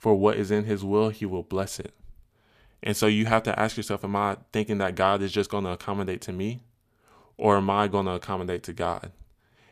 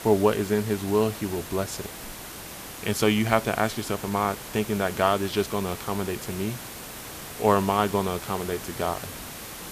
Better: first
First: none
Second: hiss; noticeable; throughout; 10 dB below the speech

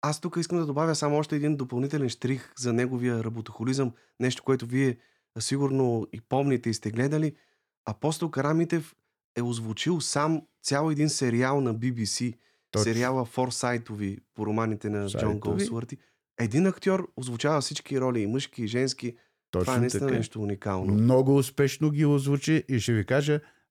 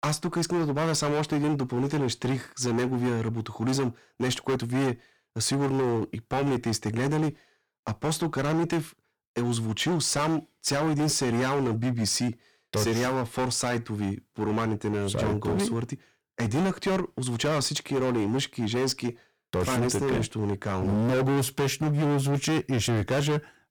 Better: first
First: none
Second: distortion; heavy; 20% of the sound clipped

